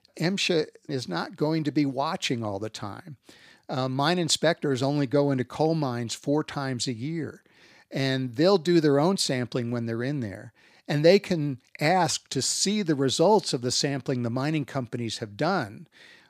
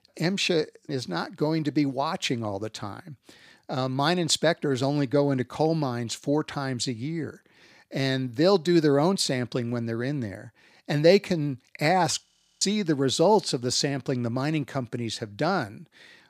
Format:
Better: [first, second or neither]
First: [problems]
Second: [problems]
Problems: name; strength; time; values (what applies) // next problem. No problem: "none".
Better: first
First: none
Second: audio freezing; at 12 s